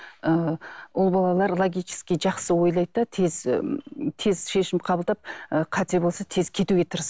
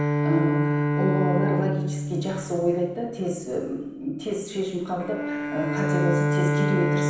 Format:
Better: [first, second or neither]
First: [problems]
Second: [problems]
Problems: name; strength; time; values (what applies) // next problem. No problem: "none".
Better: first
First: none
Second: background sound (Bowed string instrument); 2 dB above the speech // room echo; dies away in 0.9 s